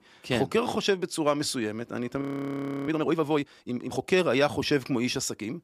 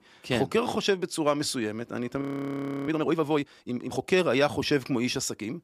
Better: neither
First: audio freezing; at 2 s for 0.5 s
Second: audio freezing; at 2 s for 0.5 s

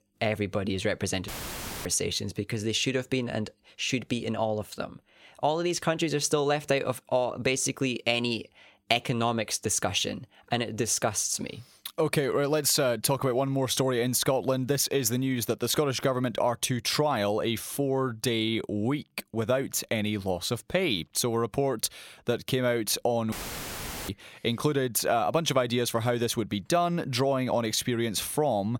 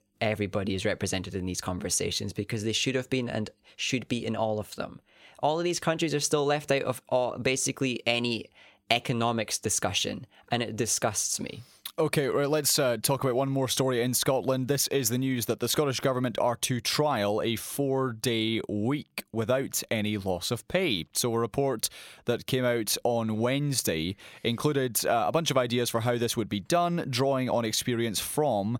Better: second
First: audio cutting out; filled with static; at 1.5 s for 0.5 s and at 23 s for 1 s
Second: none

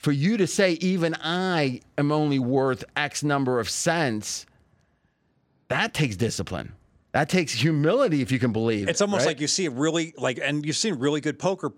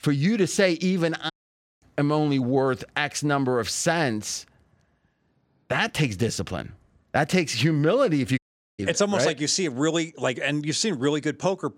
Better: first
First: none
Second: audio cutting out; at 1.5 s for 0.5 s and at 8.5 s

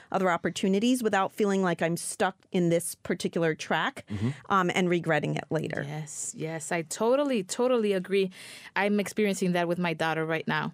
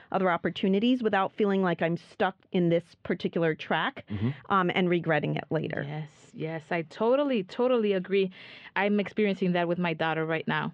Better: first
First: none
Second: muffled; very; fading above 3.5 kHz

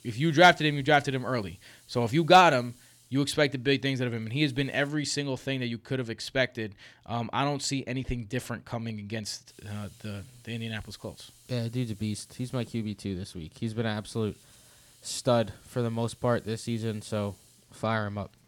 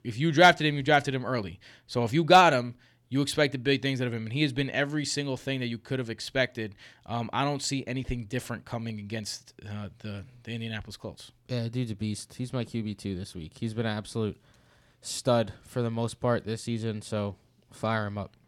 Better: second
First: hiss; faint; until 5 s and from 9.5 s on; 30 dB below the speech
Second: none

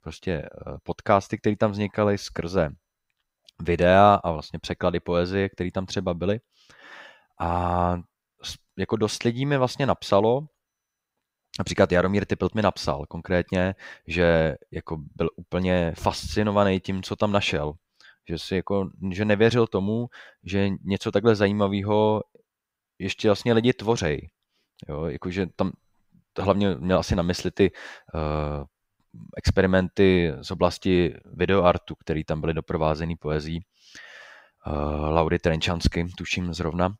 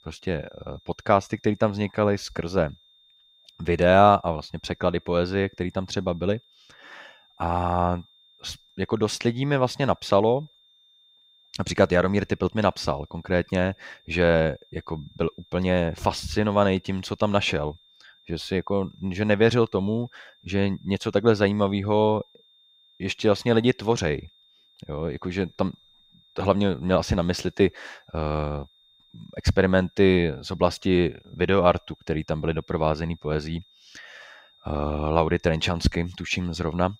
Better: first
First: none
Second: high-pitched whine; faint; throughout; 3.5 kHz, 30 dB below the speech

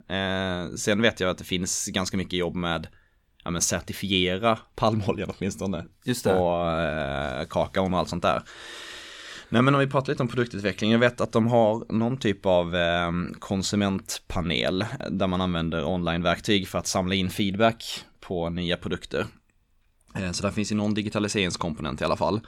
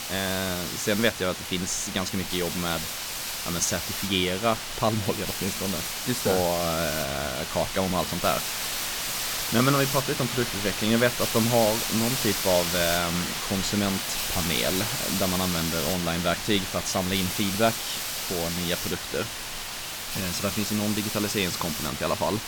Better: first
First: none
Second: hiss; loud; throughout; 1 dB below the speech

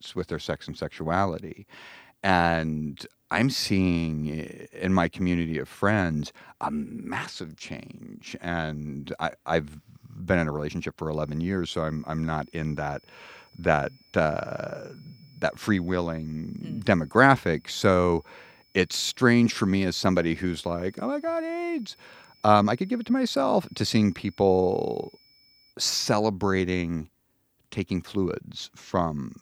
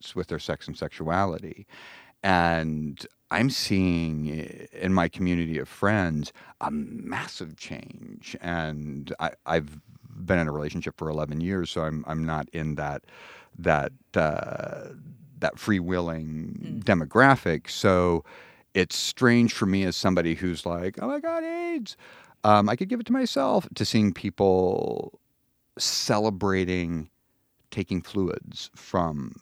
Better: second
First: high-pitched whine; faint; from 11 to 26 s; 5.5 kHz, 35 dB below the speech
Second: none

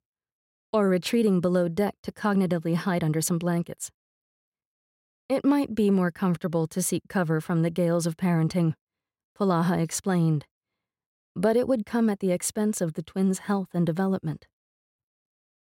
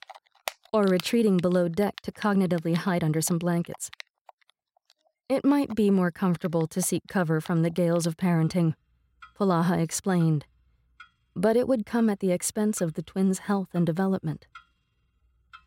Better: first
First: none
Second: household noises; faint; throughout; 20 dB below the speech

